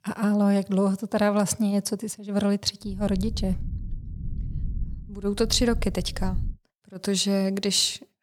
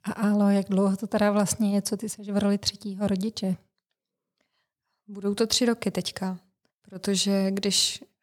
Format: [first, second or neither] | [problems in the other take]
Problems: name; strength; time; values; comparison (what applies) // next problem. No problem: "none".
second | low rumble; faint; from 3 to 6.5 s; 20 dB below the speech